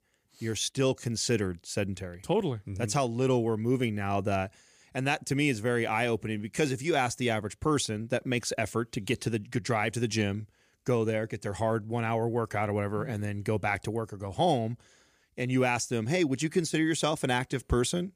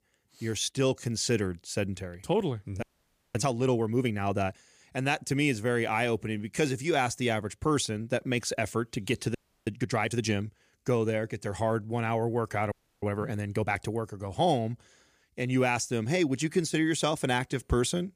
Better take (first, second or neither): first